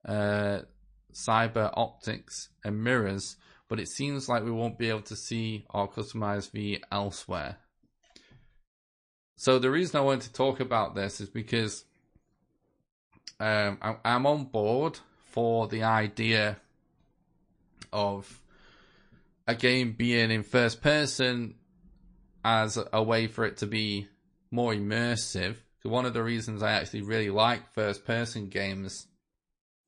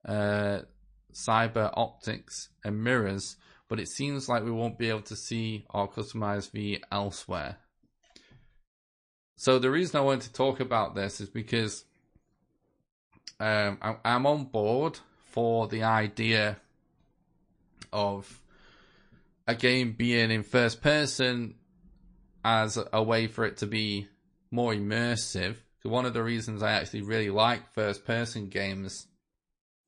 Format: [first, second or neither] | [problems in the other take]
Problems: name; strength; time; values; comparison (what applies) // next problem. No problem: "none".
neither | garbled, watery; slightly; nothing above 8.5 kHz; the same in both